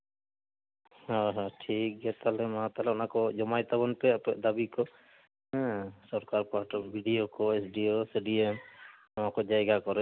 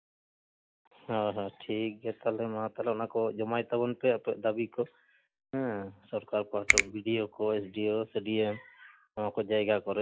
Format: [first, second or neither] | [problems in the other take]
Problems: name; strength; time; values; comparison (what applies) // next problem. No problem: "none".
first | noise reduction (classical method log-MMSE)